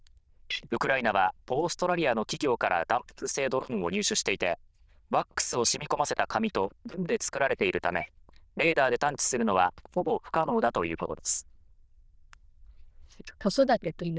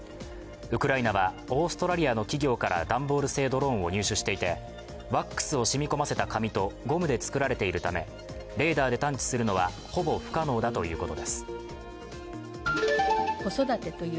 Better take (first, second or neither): second